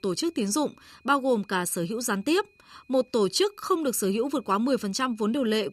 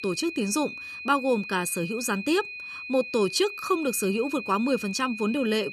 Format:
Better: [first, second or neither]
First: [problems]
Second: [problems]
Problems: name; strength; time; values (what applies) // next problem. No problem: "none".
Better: first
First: high-pitched whine; faint; throughout; 2.5 kHz, 35 dB below the speech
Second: high-pitched whine; loud; throughout; 2.5 kHz, 9 dB below the speech